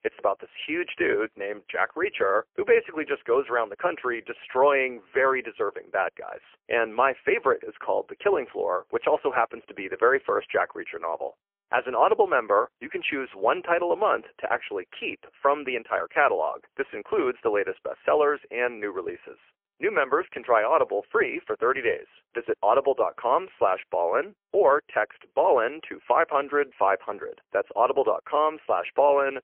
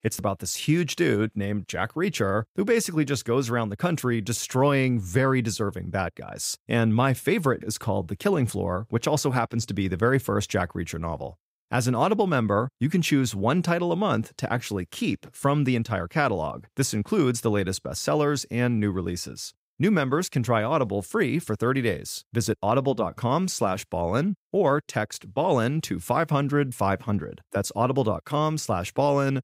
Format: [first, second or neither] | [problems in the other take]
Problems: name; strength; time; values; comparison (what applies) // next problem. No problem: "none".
second | phone-call audio; poor line; nothing above 3 kHz